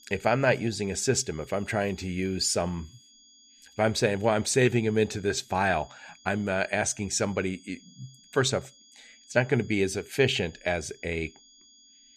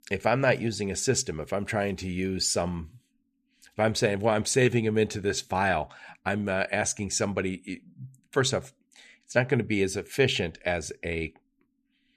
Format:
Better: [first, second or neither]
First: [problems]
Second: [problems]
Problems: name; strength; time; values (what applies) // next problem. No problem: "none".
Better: second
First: high-pitched whine; faint; throughout; 3.5 kHz, 25 dB below the speech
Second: none